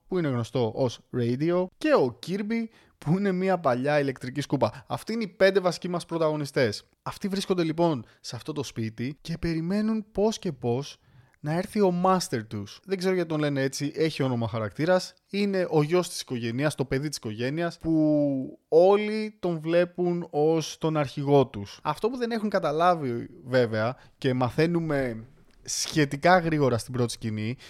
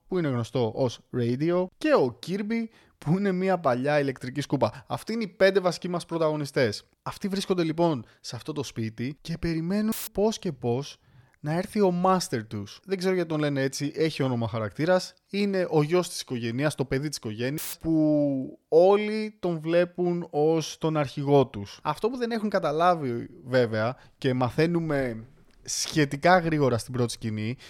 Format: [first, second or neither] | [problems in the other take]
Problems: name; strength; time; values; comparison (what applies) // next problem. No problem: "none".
first | audio cutting out; filled with static; at 10 s and at 18 s